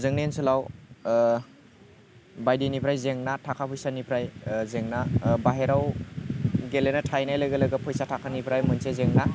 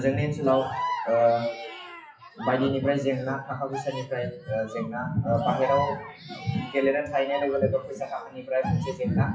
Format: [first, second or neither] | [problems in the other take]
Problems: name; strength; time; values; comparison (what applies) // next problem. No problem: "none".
first | noise reduction (classical method WPE with log-MMSE)